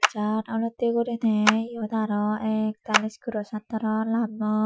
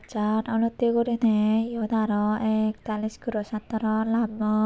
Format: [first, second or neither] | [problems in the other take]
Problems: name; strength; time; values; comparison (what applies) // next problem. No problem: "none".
second | noise reduction (classical method Wiener filter)